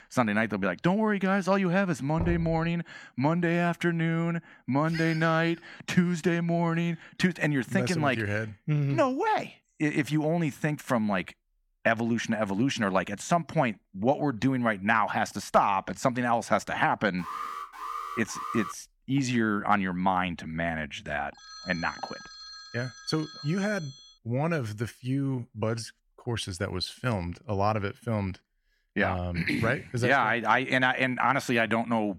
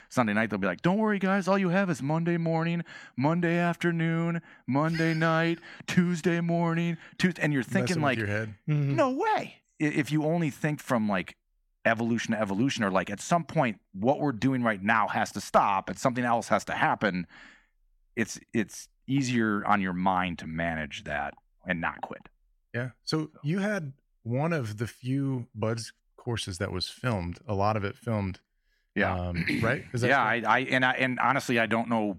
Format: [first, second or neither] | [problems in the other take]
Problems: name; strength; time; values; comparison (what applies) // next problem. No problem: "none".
second | door banging; noticeable; at 2 s; peak 7 dB below the speech // alarm; noticeable; from 17 to 19 s; peak 8 dB below the speech // phone ringing; faint; from 21 to 24 s; peak 15 dB below the speech